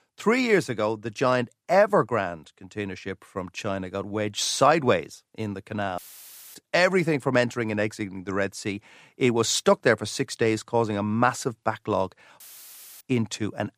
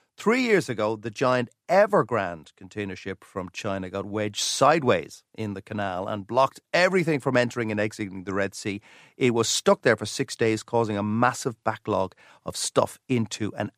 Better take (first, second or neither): second